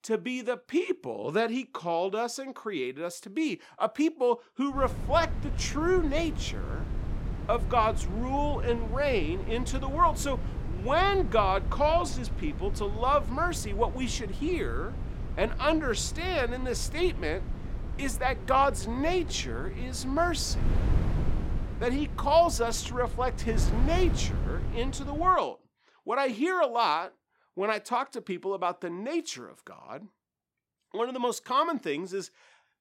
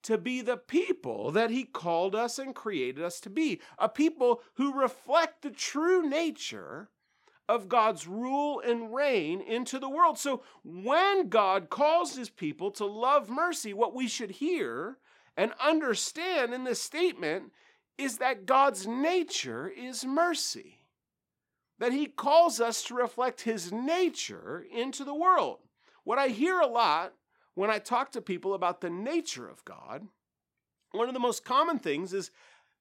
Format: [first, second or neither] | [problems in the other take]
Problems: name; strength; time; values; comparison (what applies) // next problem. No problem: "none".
second | wind noise on the microphone; occasional gusts; from 5 to 25 s; 15 dB below the speech